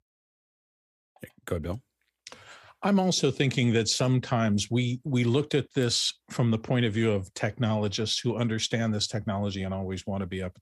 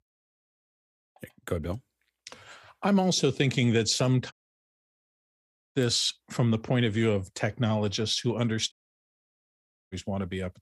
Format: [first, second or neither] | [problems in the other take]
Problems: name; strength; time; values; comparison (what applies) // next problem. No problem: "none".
first | audio cutting out; at 4.5 s for 1.5 s and at 8.5 s for 1 s